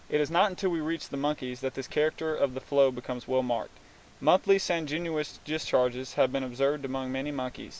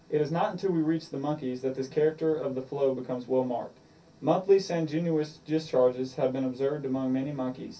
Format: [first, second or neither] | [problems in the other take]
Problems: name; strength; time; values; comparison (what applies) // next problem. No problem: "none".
first | room echo; dies away in 0.3 s